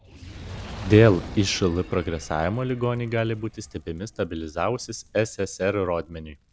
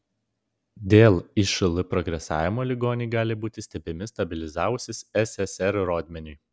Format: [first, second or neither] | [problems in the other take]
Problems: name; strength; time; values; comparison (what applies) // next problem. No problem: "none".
second | background sound (Fire); 16 dB below the speech